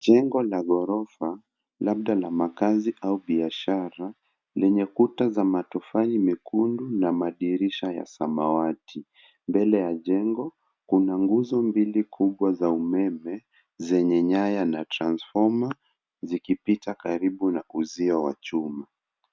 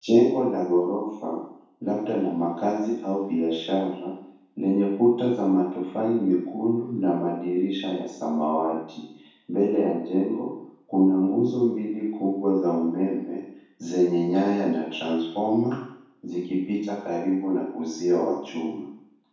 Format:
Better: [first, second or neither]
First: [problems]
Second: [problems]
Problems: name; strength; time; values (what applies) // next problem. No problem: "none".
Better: first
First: none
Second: room echo; dies away in 0.6 s